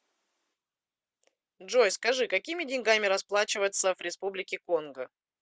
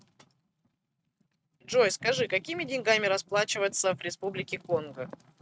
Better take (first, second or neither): first